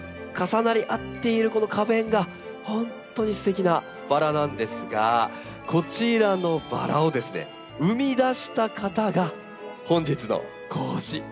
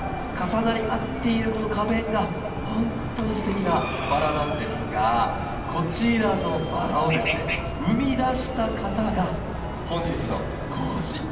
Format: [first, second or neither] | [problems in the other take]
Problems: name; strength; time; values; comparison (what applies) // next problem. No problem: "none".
first | background sound (Chicken, rooster); 4 dB below the speech // room echo; dies away in 2.3 s